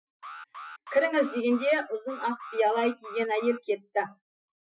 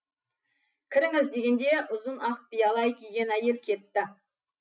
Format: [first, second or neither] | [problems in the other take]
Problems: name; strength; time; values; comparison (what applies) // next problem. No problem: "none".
second | noise reduction (classical method Wiener filter)